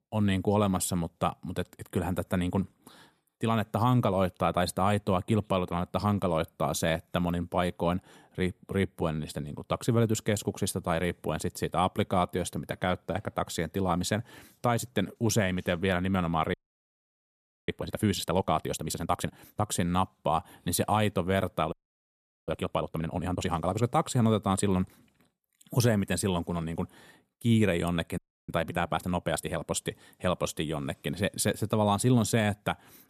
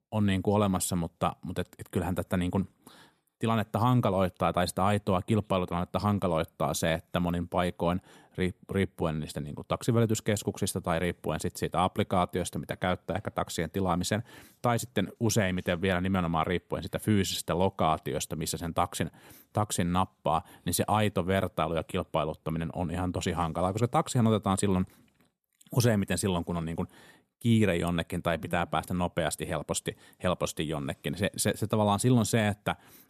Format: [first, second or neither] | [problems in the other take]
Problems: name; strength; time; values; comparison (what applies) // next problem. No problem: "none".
second | audio freezing; at 17 s for 1 s, at 22 s for 1 s and at 28 s